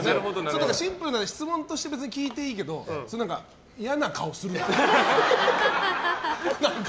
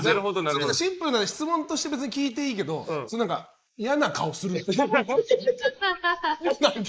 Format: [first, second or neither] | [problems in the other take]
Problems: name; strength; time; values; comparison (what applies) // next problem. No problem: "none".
first | noise reduction (neural mask model Resemble Enhance denoiser)